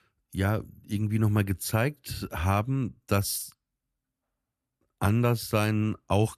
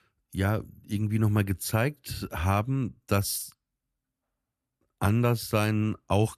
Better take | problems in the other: neither | none

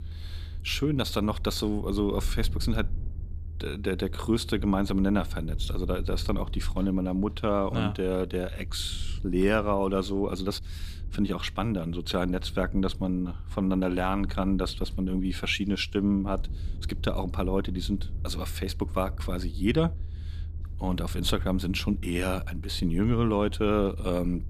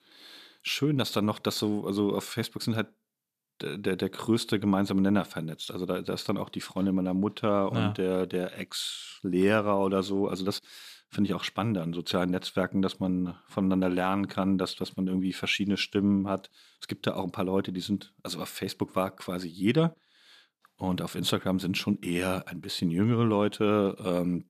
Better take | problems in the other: second | low rumble; faint; throughout; 25 dB below the speech

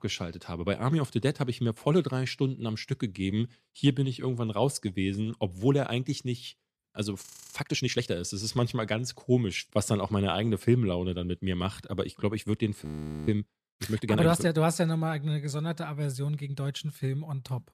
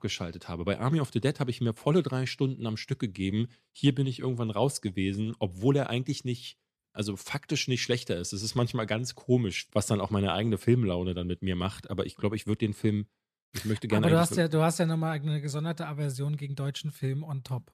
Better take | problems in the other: second | audio freezing; at 7.5 s and at 13 s

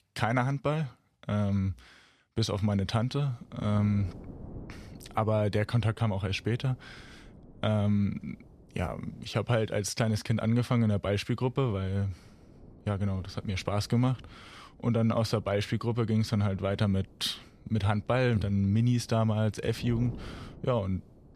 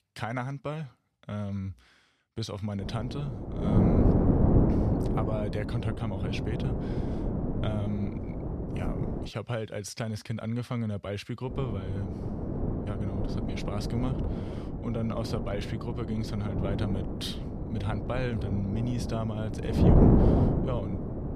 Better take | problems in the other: first | wind noise on the microphone; heavy; from 3 to 9.5 s and from 11 s on; 3 dB above the speech; occasional gusts in the first

